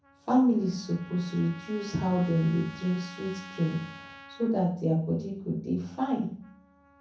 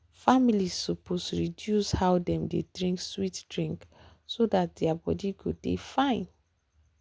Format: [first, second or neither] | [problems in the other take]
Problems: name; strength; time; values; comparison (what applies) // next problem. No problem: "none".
second | background sound (Trumpet); 20 dB below the speech // room echo; dies away in 0.5 s